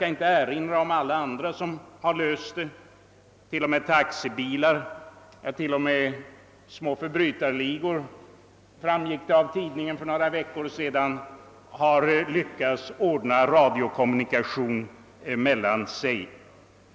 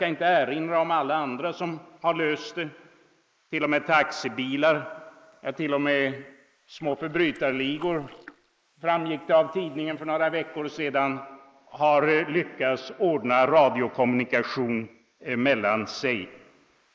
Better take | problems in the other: first | noise reduction (neural mask model Resemble Enhance denoiser)

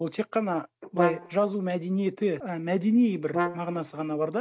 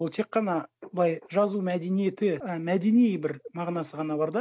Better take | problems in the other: second | background sound (Brass instrument); 5 dB below the speech

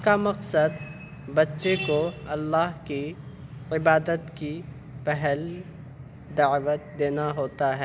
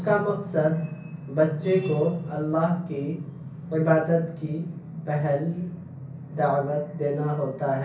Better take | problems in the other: first | room echo; dies away in 0.6 s

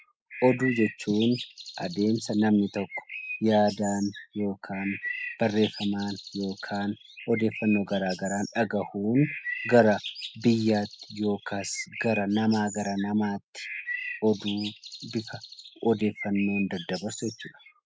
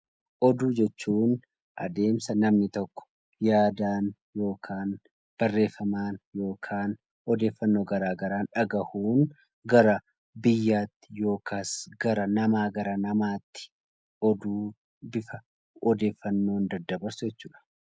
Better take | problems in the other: second | background sound (Bird); 12 dB below the speech

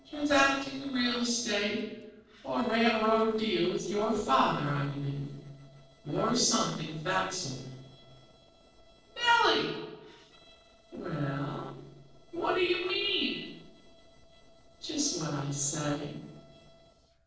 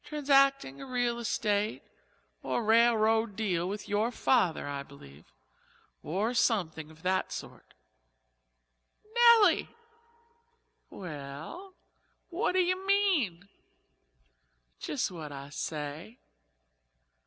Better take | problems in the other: second | noise reduction (neural separator model SepFormer DNS4)

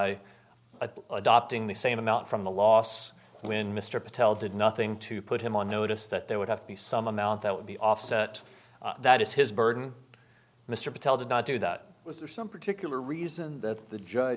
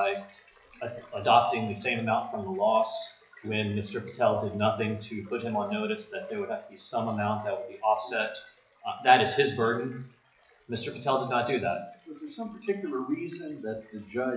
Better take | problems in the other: first | noise reduction (classical method WPE with log-MMSE)

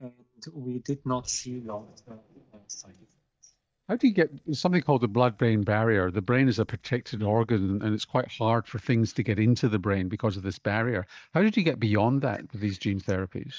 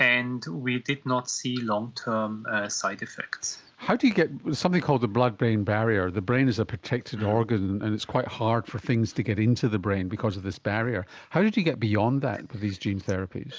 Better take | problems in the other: second | noise reduction (neural mask model DeepFilterNet 3)

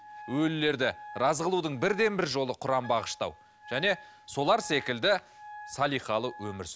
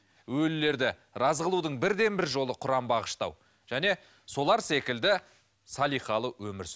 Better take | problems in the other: second | background sound (Wind instrument, woodwind instrument); 19 dB below the speech

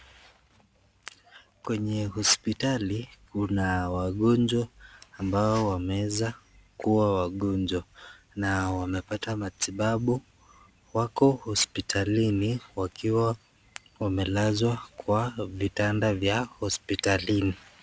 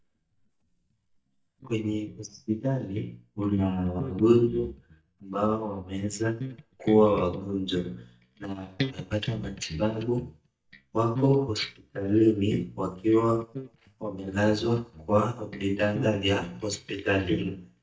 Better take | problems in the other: first | noise reduction (neural mask model DeepFilterNet 3)

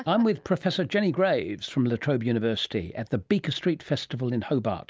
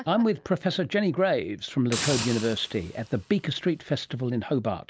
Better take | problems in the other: first | background sound (Hiss); 10 dB below the speech

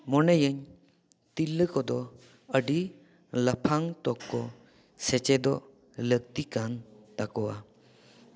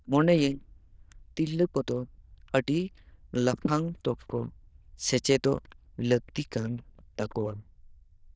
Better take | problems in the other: first | noise reduction (neural diffusion model UNIVERSE++)

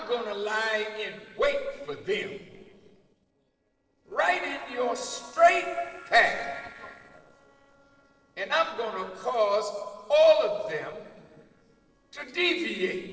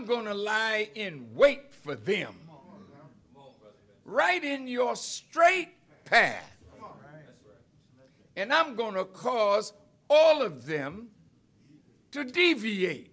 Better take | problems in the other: second | noise reduction (neural separator model SepFormer DNS4)

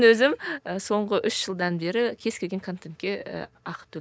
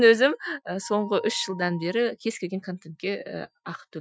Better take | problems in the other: first | noise reduction (classical method Wiener filter)

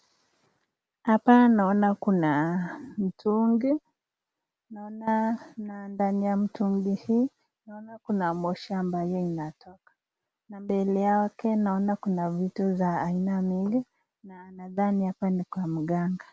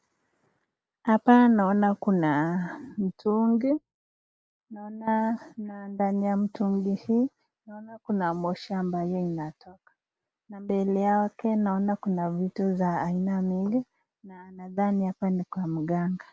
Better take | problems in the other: first | noise reduction (neural mask model Resemble Enhance denoiser)

